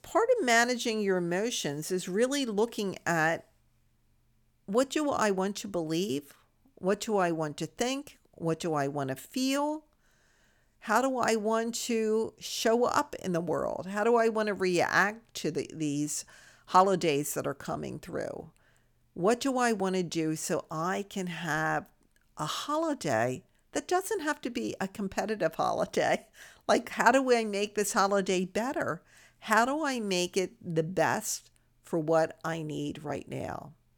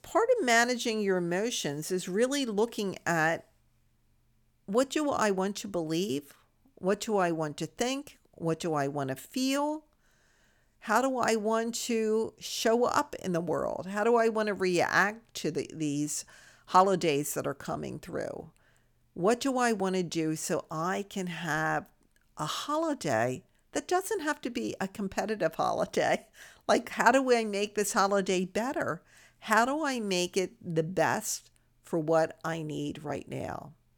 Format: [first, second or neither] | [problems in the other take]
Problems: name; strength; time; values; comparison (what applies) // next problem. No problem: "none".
neither | none